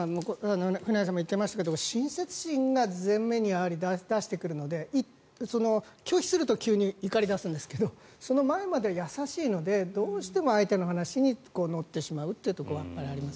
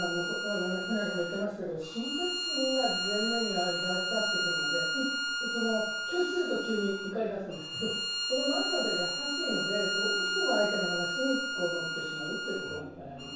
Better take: first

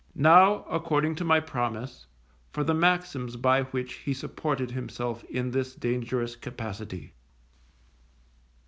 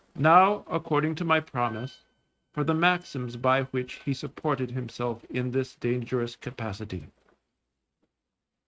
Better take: first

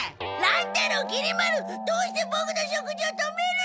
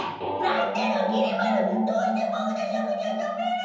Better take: first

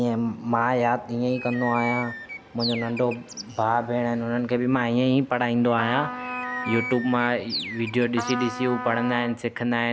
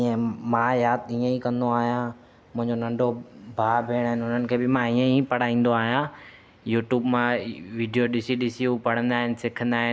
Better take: second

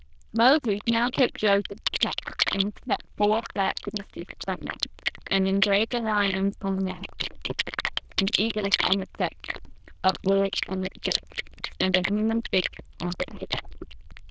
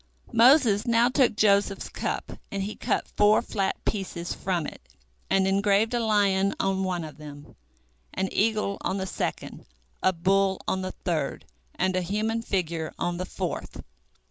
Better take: second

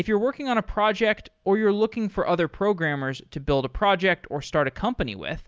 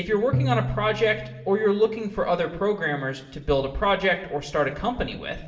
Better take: first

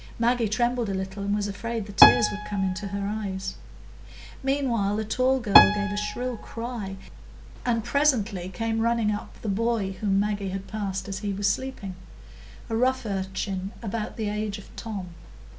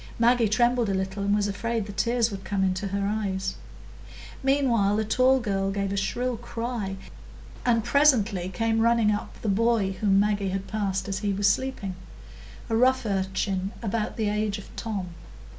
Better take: second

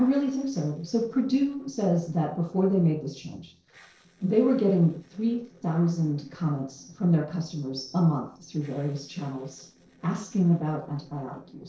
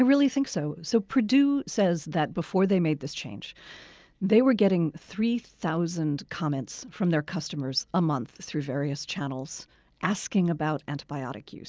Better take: second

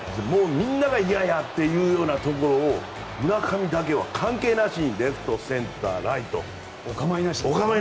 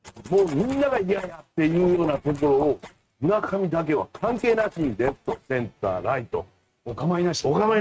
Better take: first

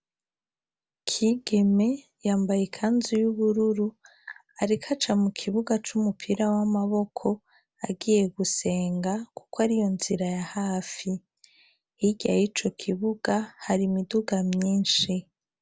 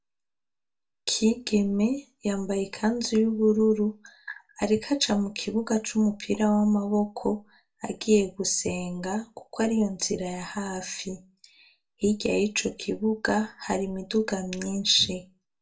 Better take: first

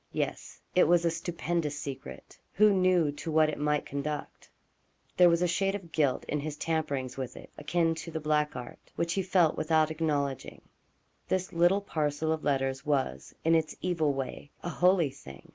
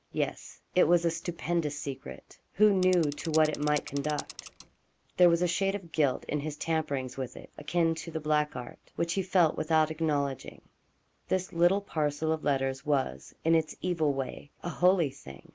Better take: first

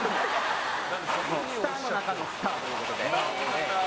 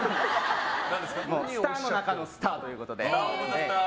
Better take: second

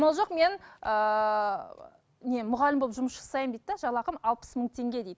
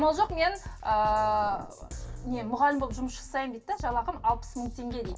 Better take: first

